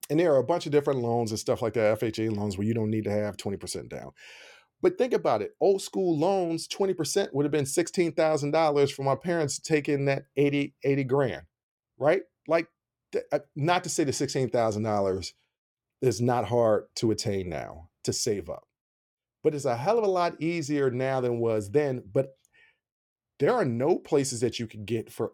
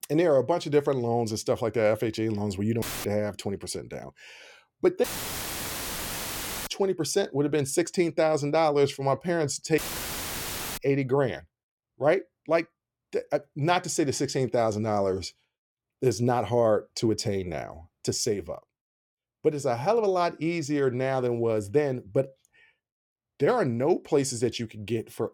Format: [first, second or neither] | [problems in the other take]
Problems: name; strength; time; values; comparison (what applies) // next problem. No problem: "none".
first | audio cutting out; filled with static; at 3 s, at 5 s for 1.5 s and at 10 s for 1 s